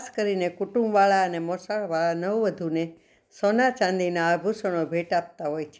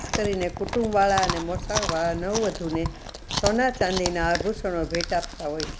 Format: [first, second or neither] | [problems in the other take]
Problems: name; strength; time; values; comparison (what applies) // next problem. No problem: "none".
first | background sound (Chewing, mastication); 5 dB below the speech